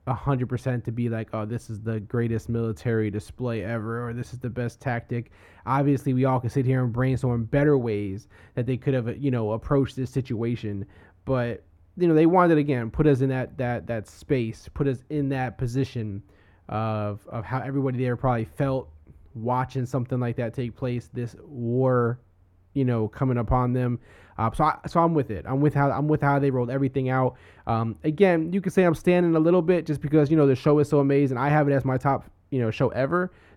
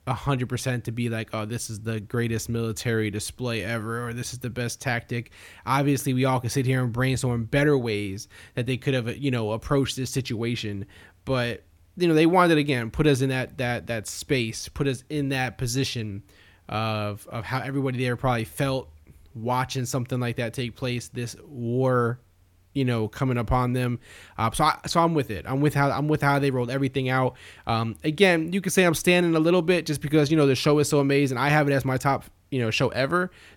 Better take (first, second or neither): second